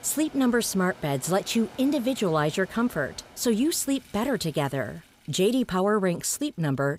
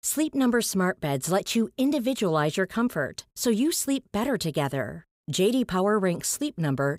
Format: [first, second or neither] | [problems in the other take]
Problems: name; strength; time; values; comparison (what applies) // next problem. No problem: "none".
second | rain or running water; faint; throughout; 25 dB below the speech